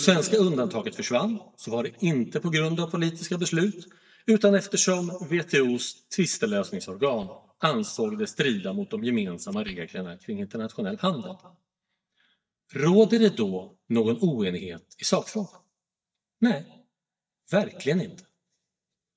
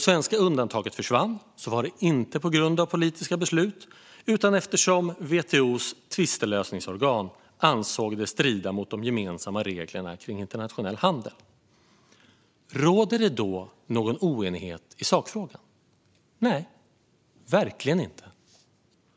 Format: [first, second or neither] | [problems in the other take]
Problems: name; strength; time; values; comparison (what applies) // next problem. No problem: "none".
second | noise reduction (neural mask model DeepFilterNet 3)